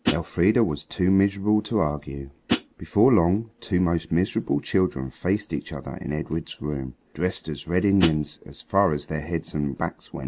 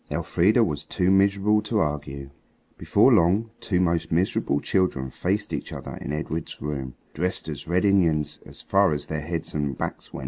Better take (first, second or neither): second